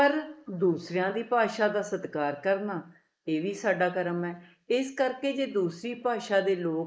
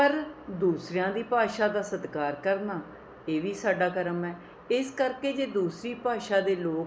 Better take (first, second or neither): second